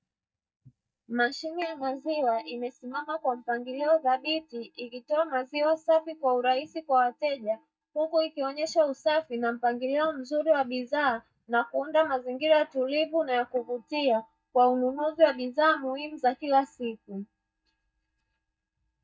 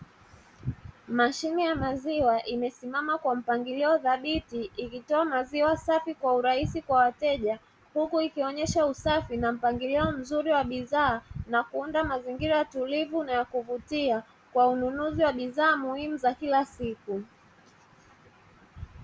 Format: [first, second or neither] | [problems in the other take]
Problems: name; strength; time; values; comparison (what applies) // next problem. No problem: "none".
second | noise reduction (neural mask model DeepFilterNet 3)